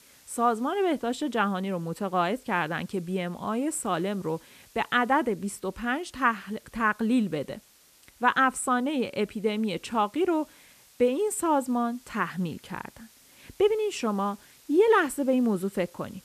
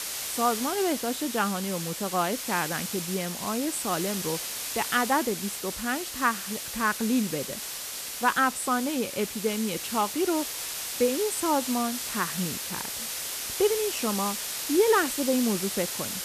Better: first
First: hiss; faint; throughout; 30 dB below the speech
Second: hiss; loud; throughout; 4 dB below the speech

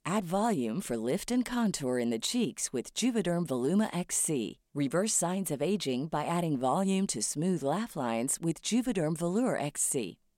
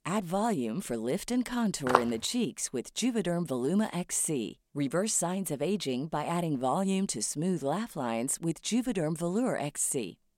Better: first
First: none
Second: footsteps; loud; at 2 s; peak 2 dB above the speech

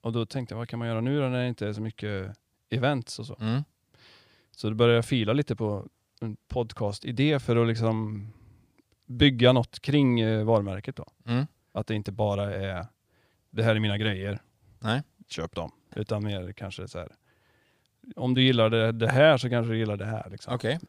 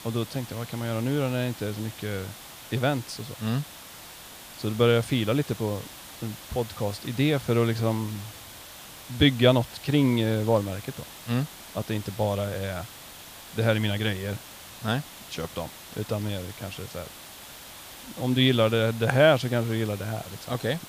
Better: first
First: none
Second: hiss; noticeable; throughout; 15 dB below the speech

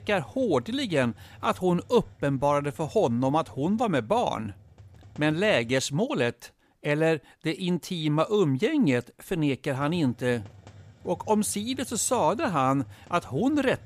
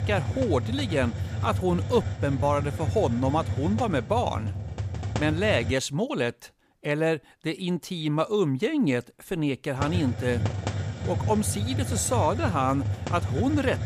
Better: first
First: hiss; faint; until 5.5 s and from 10 s on; 25 dB below the speech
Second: hiss; loud; until 5.5 s and from 10 s on; 4 dB below the speech

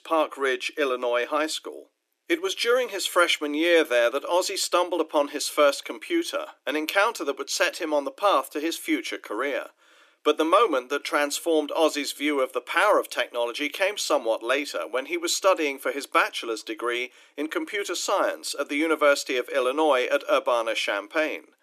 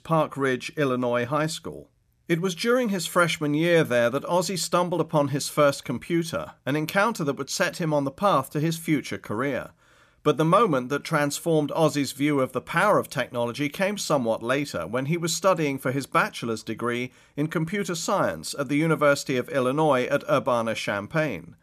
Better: second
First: thin; somewhat; fading below 300 Hz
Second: none

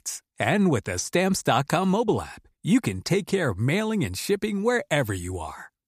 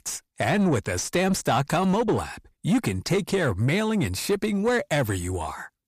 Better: first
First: none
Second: distortion; slight; 10 dB below the speech

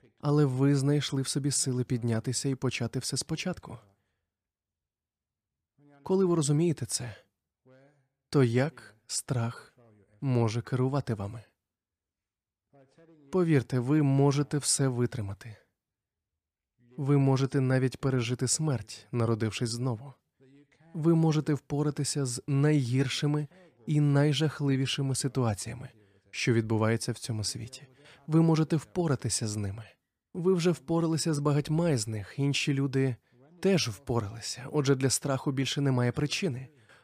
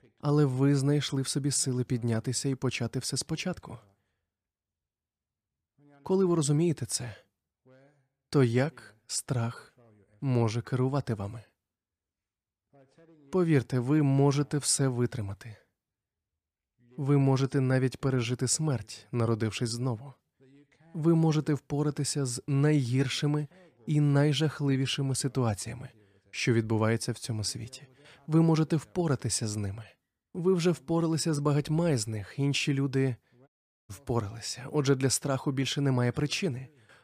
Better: first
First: none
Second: audio cutting out; at 33 s

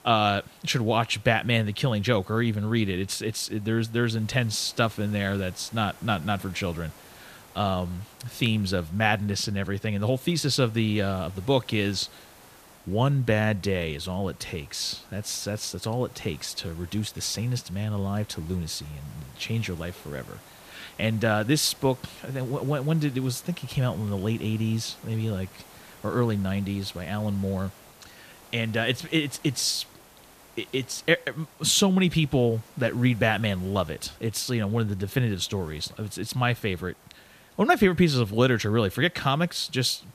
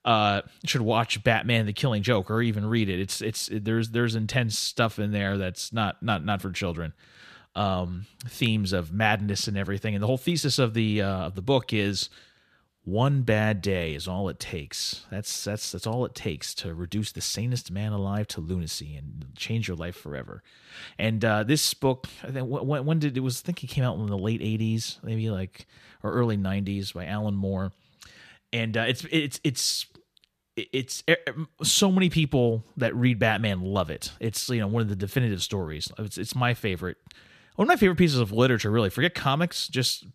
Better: second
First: hiss; faint; throughout; 25 dB below the speech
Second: none

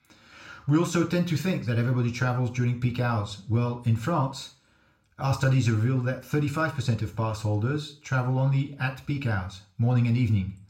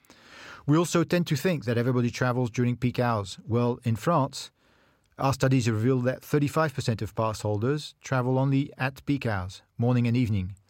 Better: second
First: room echo; slight; dies away in 0.4 s // off-mic speech; somewhat distant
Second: none

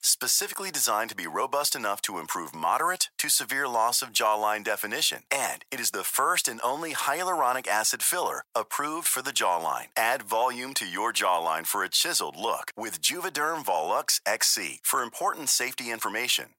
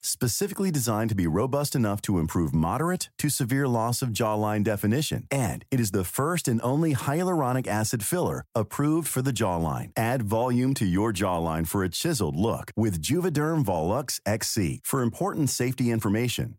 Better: second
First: thin; very; fading below 950 Hz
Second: none

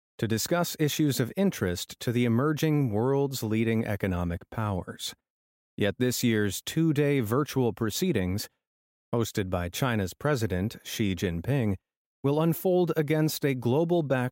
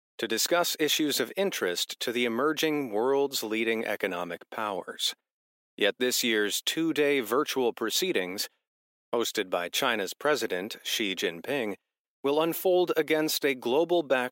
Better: first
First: none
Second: thin; somewhat; fading below 350 Hz

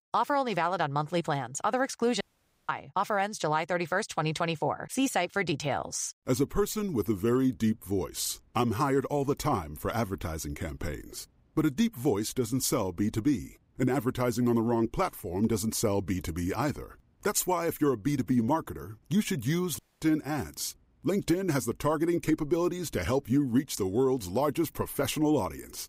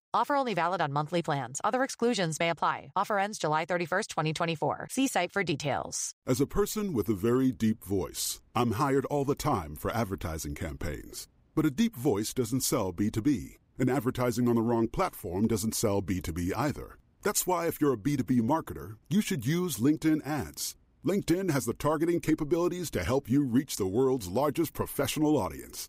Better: second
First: audio cutting out; at 2 s and at 20 s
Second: none

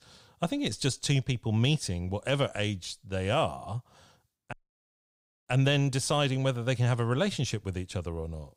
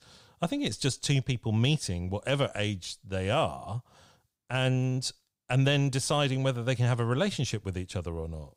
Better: second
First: audio cutting out; at 4.5 s for 1 s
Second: none

